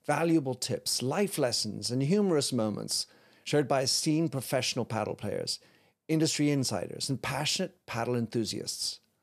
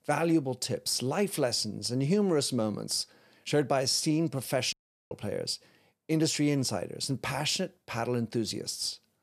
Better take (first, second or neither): first